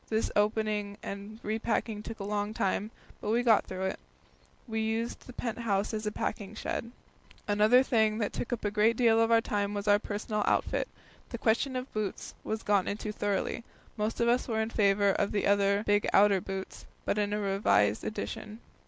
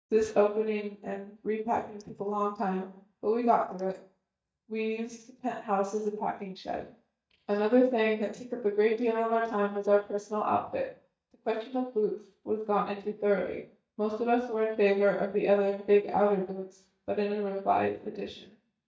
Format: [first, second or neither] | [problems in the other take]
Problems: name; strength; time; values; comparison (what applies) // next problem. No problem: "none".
first | noise reduction (neural mask model DeepFilterNet 3)